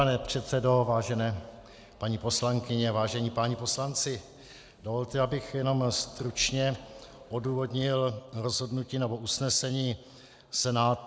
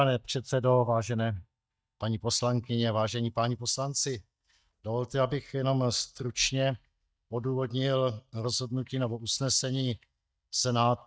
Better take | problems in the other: first | noise reduction (neural mask model DeepFilterNet 3)

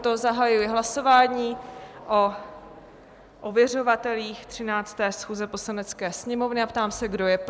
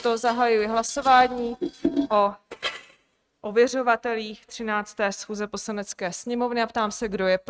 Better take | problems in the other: first | noise reduction (neural mask model RNNoise)

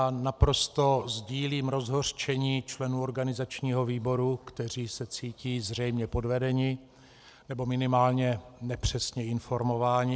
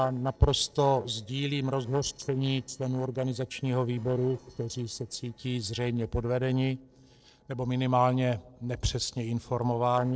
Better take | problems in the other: first | noise reduction (neural separator model SepFormer DNS4)

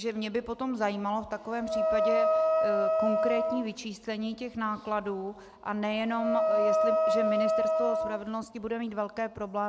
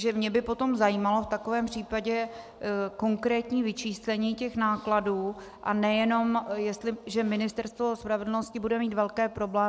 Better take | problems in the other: second | background sound (Wind instrument, woodwind instrument); 5 dB above the speech

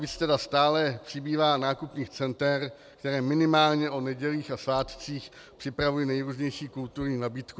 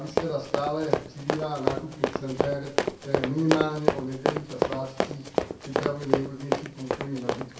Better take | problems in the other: first | background sound (Run); 3 dB above the speech // room echo; dies away in 0.6 s

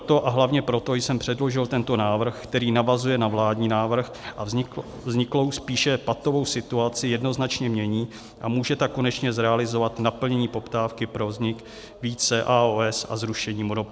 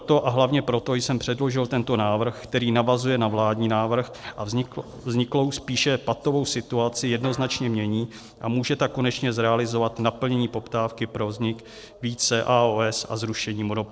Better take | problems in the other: first | noise reduction (neural separator model SepFormer DNS4)

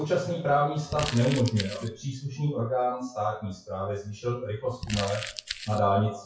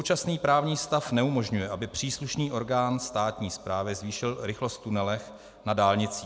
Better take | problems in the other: second | noise reduction (classical method WPE with log-MMSE)

